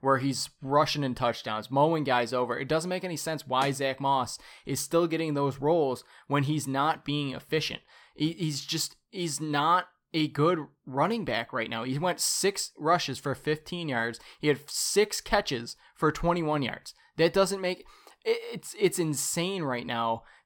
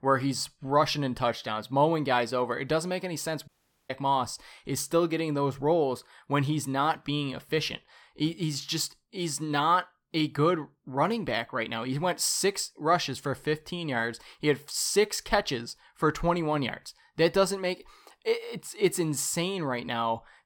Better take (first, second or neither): first